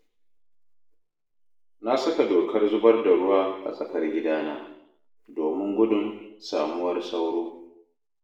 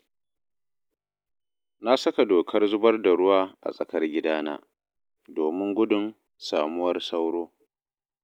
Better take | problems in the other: second | room echo; dies away in 0.8 s

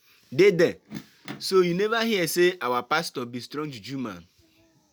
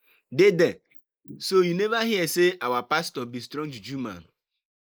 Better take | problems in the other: first | noise reduction (neural mask model Resemble Enhance denoiser)

